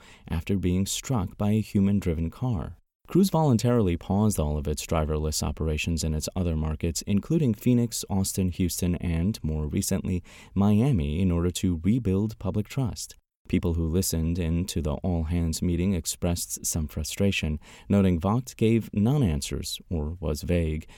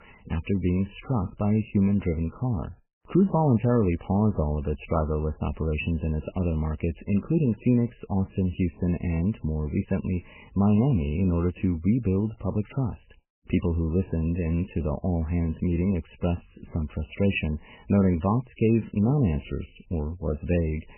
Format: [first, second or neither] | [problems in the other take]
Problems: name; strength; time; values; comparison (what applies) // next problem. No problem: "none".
first | garbled, watery; badly; nothing above 3 kHz